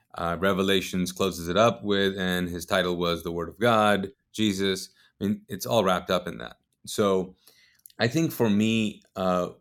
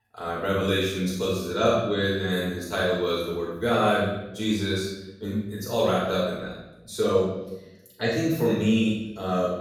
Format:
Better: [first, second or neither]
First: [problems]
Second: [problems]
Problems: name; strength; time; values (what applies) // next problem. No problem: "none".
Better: first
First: none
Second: off-mic speech; far // room echo; noticeable; dies away in 0.9 s